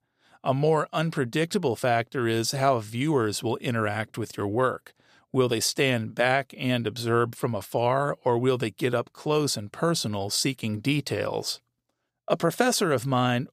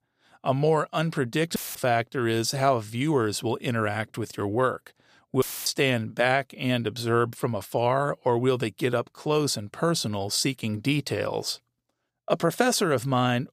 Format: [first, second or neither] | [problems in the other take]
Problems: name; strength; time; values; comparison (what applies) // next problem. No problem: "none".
first | audio cutting out; filled with static; at 1.5 s and at 5.5 s